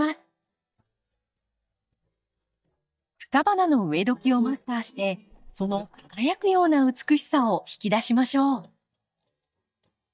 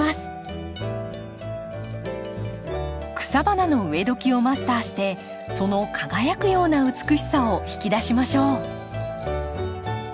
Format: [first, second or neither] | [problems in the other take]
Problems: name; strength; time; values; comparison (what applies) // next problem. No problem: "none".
second | noise reduction (neural mask model DeepFilterNet 3)